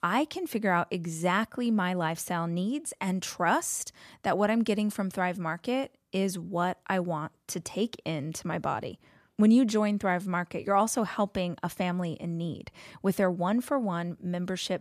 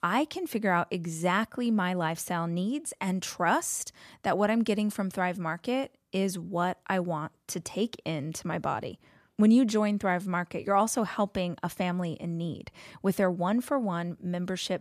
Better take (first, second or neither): neither